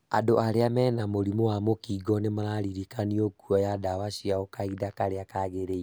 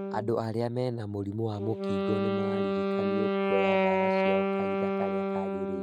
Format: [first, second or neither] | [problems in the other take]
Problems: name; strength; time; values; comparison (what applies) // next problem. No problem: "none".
first | noise reduction (neural mask model RNNoise)